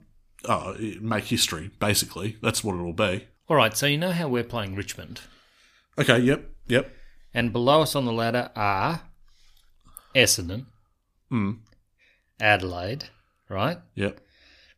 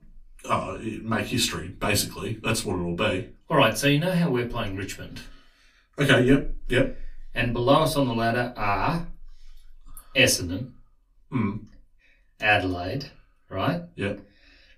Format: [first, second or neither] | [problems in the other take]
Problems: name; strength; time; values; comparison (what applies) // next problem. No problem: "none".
first | off-mic speech; far // room echo; very slight; dies away in 0.2 s